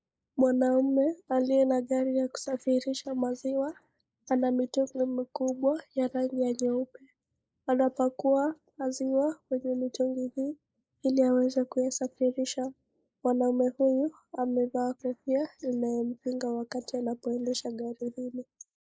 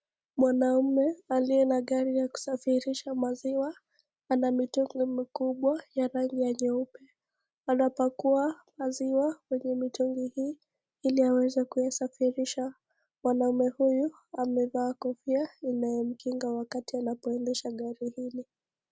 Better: second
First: noise reduction (neural mask model Resemble Enhance denoiser)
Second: none

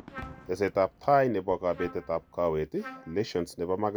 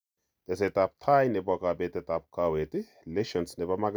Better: second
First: background sound (Trumpet + Fireworks); 19 dB below the speech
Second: none

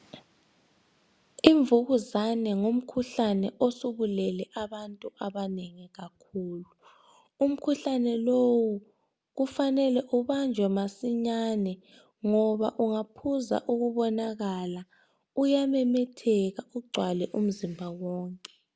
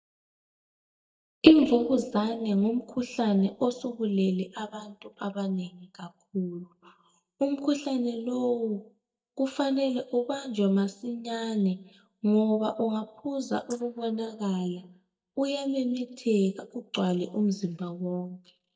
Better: first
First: none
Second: noise reduction (neural mask model DeepFilterNet 3)

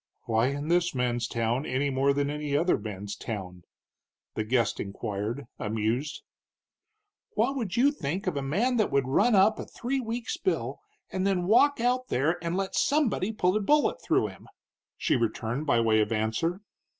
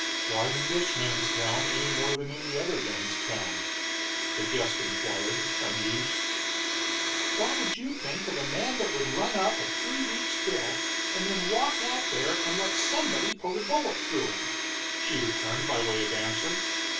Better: first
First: none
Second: background sound (Domestic sounds, home sounds); 3 dB above the speech // room echo; dies away in 0.2 s

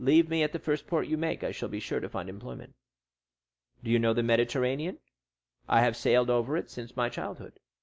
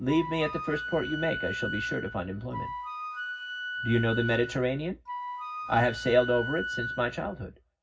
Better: first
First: none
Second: background sound (Wind instrument, woodwind instrument); 6 dB below the speech // room echo; dies away in 0.4 s

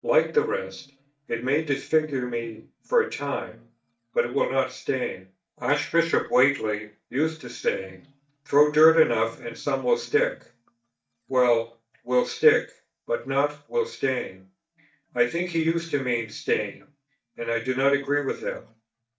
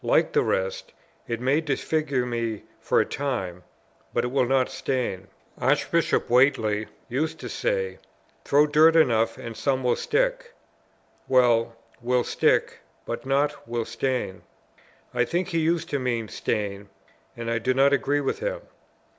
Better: second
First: noise reduction (neural mask model DeepFilterNet 3)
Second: none

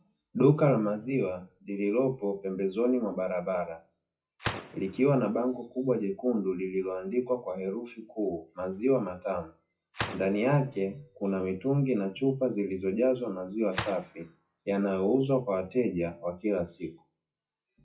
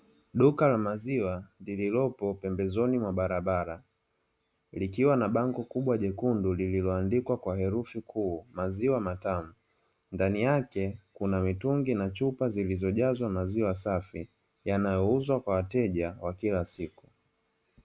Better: second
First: noise reduction (classical method WPE with log-MMSE)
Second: none

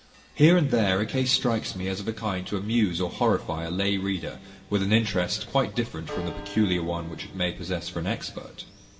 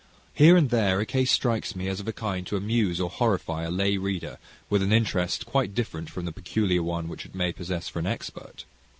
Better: second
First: background sound (Church bell); 20 dB below the speech // room echo; dies away in 1.4 s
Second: none

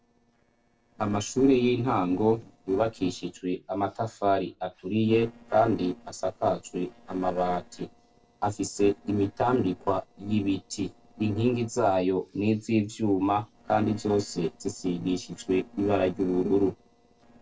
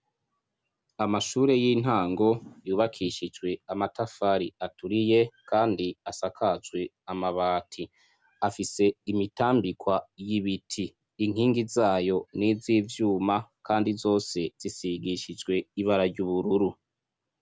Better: second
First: noise reduction (neural separator model SepFormer DNS4)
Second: none

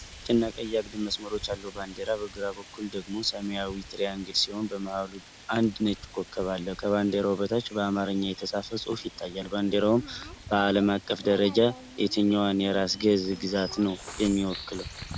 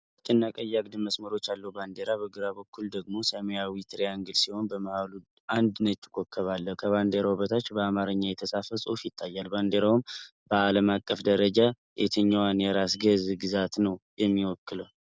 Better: second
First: background sound (Bird vocalization, bird call, bird song); 17 dB below the speech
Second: none

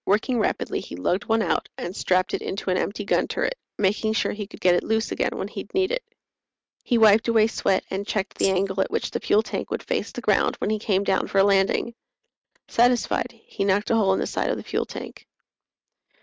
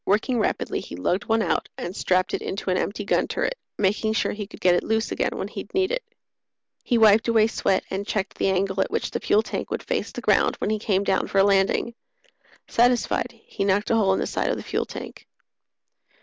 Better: second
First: noise reduction (neural mask model RNNoise)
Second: none

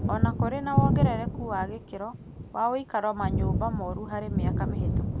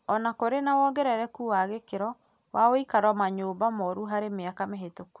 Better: second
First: background sound (Thunder); 4 dB above the speech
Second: none

